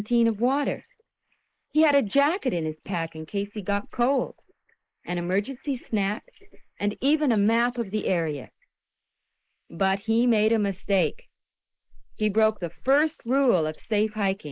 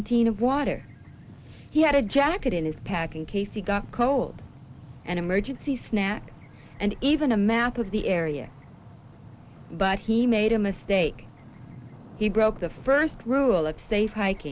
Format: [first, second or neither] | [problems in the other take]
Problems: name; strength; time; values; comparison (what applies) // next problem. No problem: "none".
second | noise reduction (neural mask model Resemble Enhance denoiser)